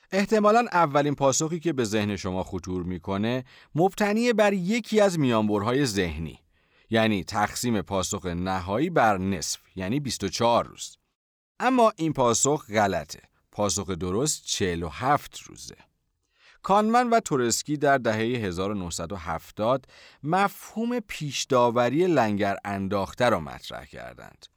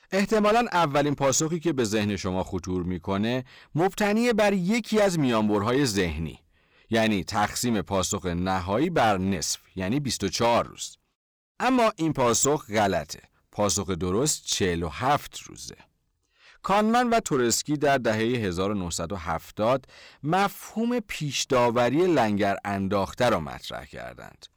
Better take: first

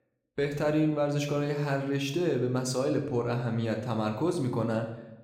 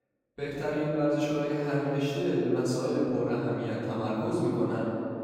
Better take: first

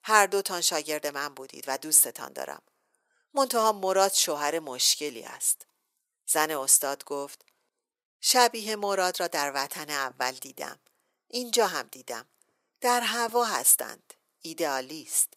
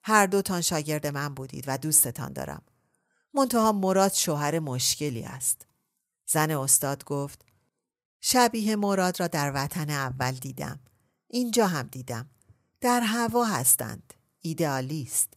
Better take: second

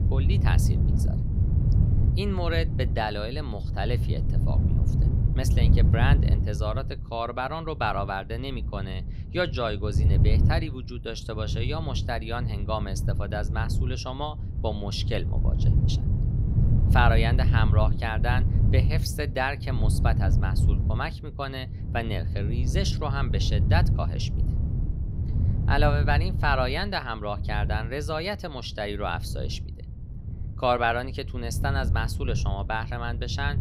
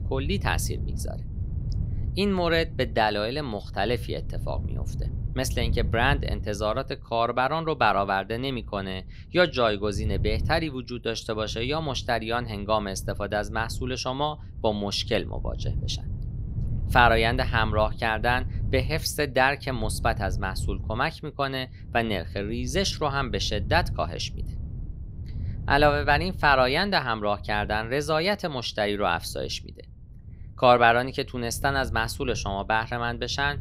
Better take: second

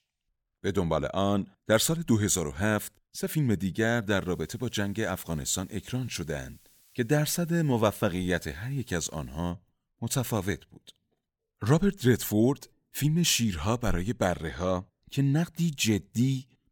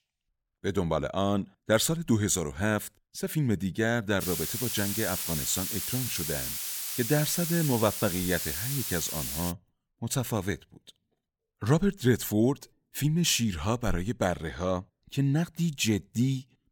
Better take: first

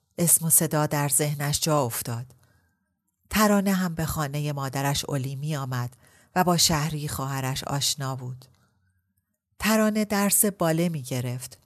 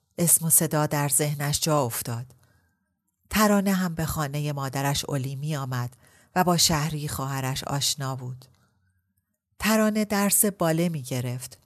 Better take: neither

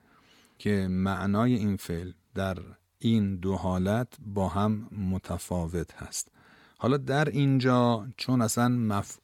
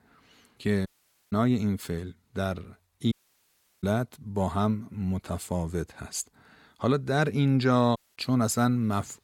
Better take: first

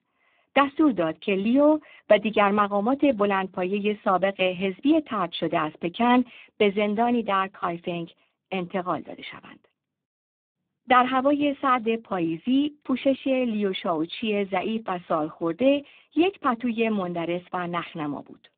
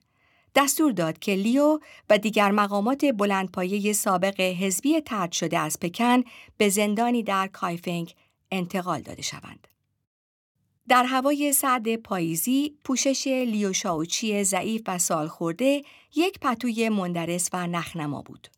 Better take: second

